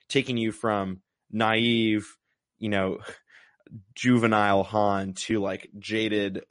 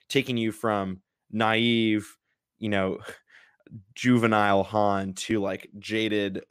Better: second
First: garbled, watery; slightly; nothing above 10.5 kHz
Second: none

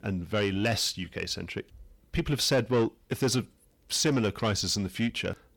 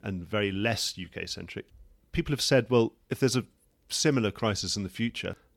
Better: second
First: distortion; slight; 10 dB below the speech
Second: none

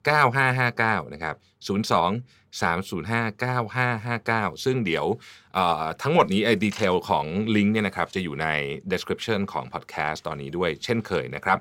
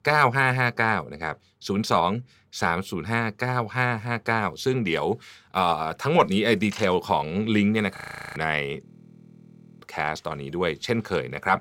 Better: first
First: none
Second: audio freezing; at 8 s and at 9 s for 1 s

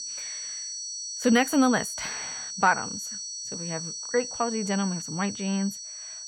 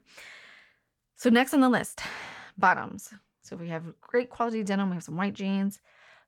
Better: second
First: high-pitched whine; loud; throughout; 6 kHz, 6 dB below the speech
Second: none

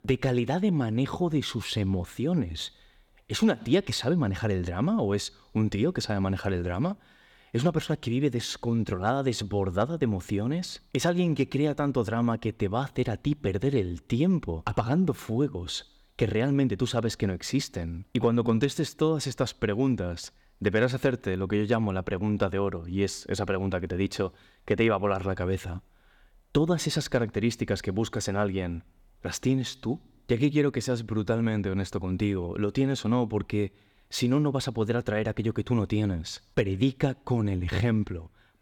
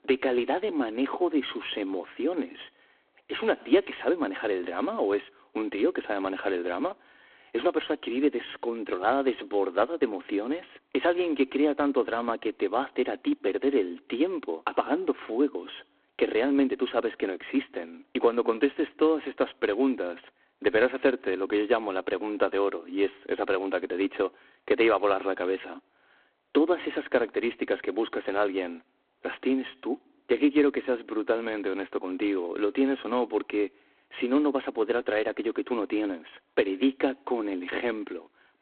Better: first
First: none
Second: phone-call audio; poor line

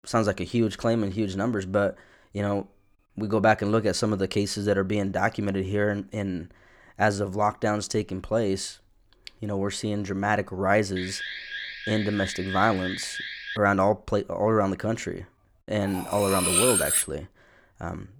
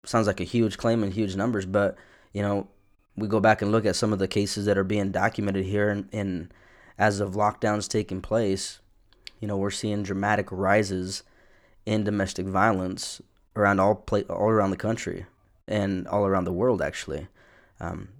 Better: second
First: alarm; noticeable; from 11 to 14 s; peak 7 dB below the speech // clattering dishes; loud; from 16 to 17 s; peak 6 dB above the speech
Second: none

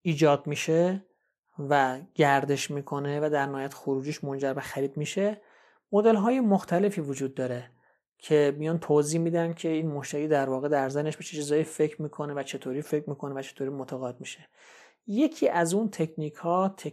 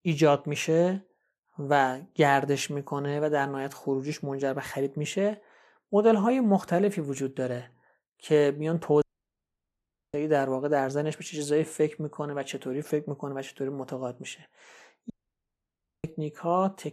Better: first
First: none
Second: audio cutting out; at 9 s for 1 s and at 15 s for 1 s

